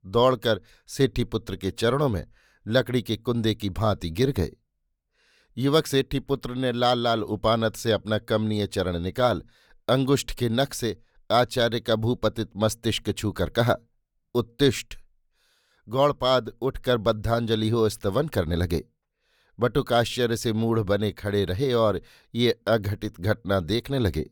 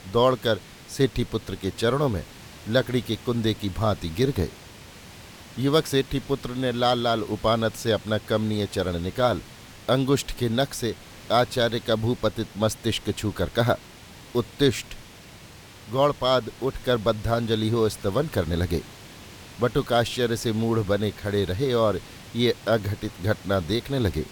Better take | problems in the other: first | hiss; noticeable; throughout; 20 dB below the speech

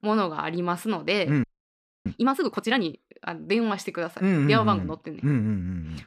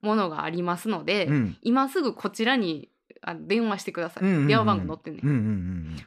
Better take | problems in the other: second | audio freezing; at 1.5 s for 0.5 s

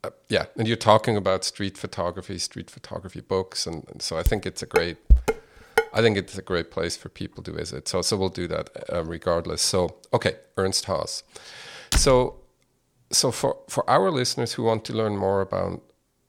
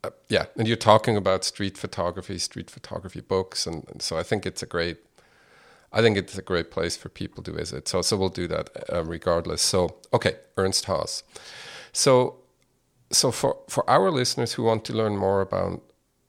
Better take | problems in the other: second | clattering dishes; loud; from 4.5 to 6 s; peak 3 dB above the speech // door banging; noticeable; at 12 s; peak 1 dB below the speech

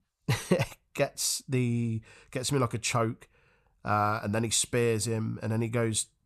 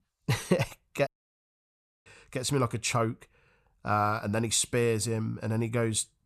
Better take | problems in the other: first | audio cutting out; at 1 s for 1 s

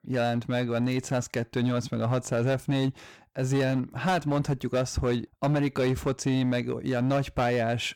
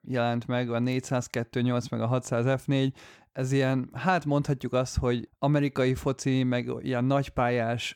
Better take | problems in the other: second | distortion; slight; 9% of the sound clipped

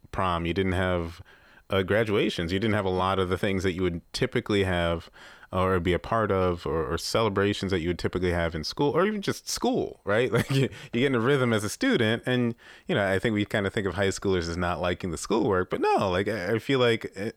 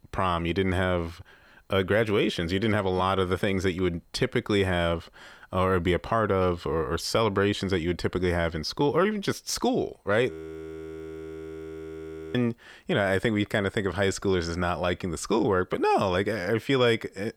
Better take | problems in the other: first | audio freezing; at 10 s for 2 s

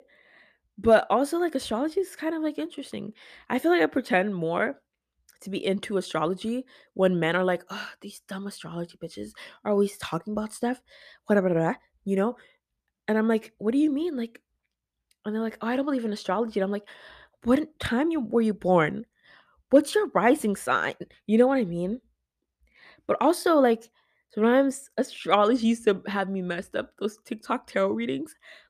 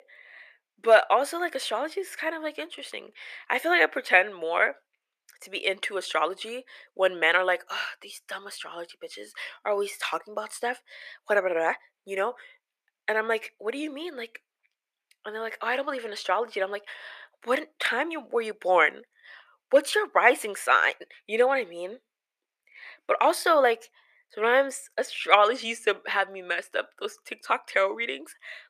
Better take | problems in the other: first | thin; very; fading below 500 Hz

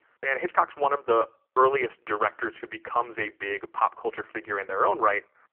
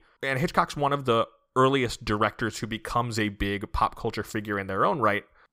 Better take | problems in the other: second | phone-call audio; poor line

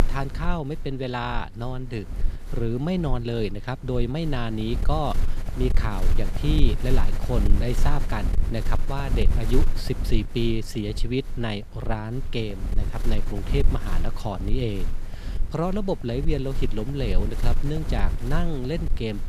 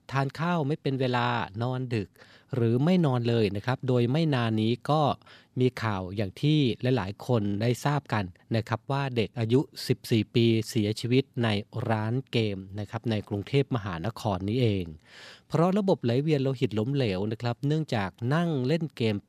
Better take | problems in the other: second | wind noise on the microphone; occasional gusts; 10 dB below the speech

